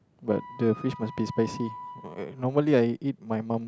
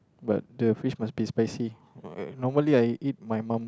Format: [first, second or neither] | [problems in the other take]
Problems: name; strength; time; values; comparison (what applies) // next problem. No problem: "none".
second | background sound (Wind instrument, woodwind instrument); 15 dB below the speech